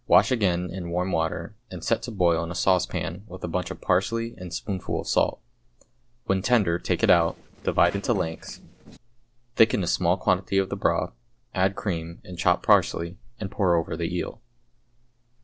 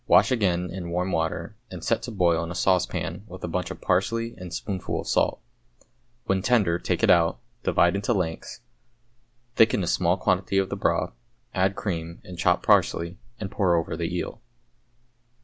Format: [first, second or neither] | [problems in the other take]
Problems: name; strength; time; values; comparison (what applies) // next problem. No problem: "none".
second | noise reduction (neural separator model SepFormer DNS4)